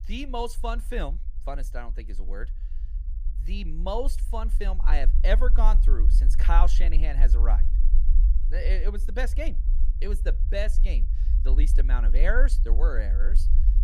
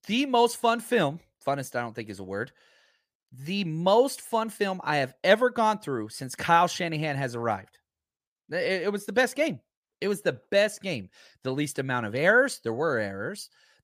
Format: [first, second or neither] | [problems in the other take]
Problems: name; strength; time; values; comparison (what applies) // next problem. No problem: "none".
second | low rumble; noticeable; throughout; 15 dB below the speech